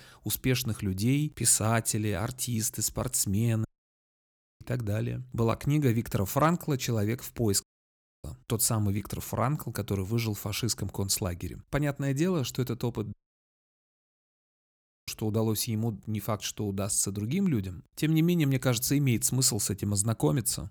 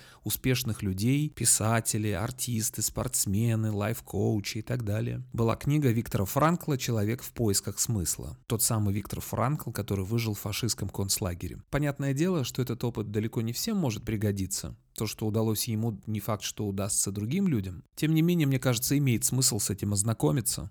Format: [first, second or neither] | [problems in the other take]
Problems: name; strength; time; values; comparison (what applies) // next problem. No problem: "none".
second | audio cutting out; at 3.5 s for 1 s, at 7.5 s for 0.5 s and at 13 s for 2 s